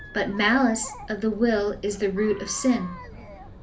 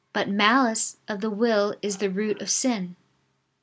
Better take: second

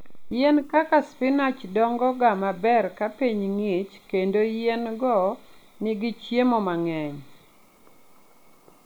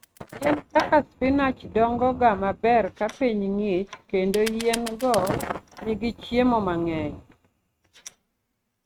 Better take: first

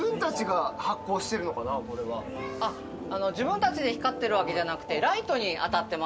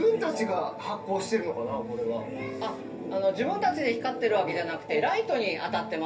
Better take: first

